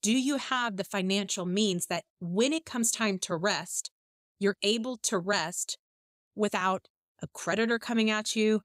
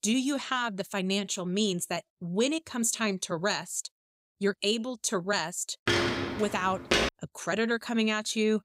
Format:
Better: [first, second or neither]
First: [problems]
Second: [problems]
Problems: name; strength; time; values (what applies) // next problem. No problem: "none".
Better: first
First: none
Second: footsteps; loud; from 6 to 7 s; peak 3 dB above the speech